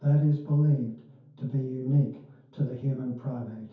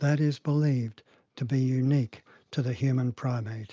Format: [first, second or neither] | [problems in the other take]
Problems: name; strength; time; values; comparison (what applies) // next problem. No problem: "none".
second | room echo; dies away in 0.6 s